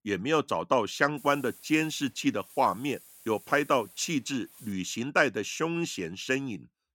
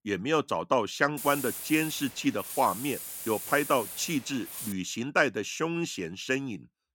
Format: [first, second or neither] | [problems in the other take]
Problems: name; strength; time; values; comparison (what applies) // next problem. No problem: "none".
first | hiss; loud; from 1 to 4.5 s; 8 dB below the speech; faint in the first